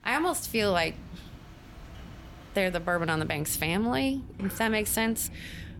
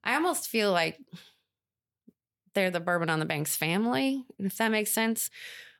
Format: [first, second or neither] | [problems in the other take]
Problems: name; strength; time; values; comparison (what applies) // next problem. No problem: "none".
second | rain or running water; noticeable; throughout; 15 dB below the speech